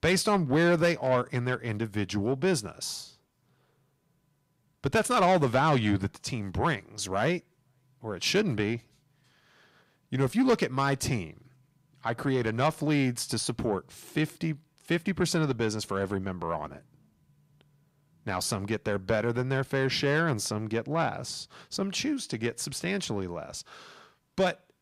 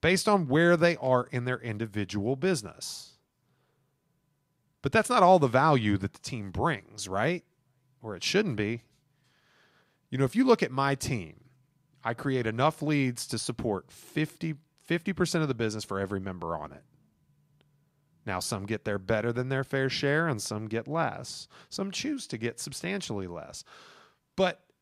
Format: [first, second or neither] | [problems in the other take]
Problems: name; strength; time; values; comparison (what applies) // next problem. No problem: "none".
second | distortion; slight; 10 dB below the speech